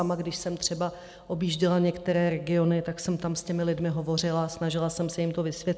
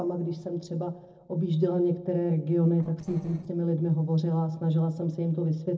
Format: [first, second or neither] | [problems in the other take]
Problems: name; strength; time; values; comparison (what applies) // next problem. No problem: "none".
first | noise reduction (neural separator model SepFormer DNS4)